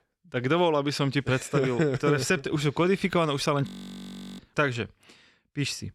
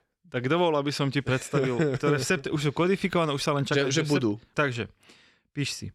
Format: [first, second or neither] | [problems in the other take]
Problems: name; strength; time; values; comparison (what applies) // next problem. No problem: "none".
second | audio freezing; at 3.5 s for 0.5 s